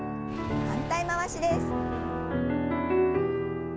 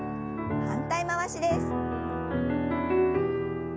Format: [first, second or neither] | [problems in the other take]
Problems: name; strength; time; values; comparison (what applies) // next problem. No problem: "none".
second | background sound (Engine / Car); 15 dB below the speech